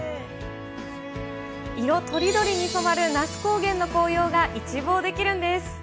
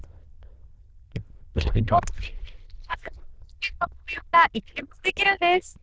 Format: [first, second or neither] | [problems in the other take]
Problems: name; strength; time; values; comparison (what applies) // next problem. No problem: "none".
first | noise reduction (neural diffusion model UNIVERSE++)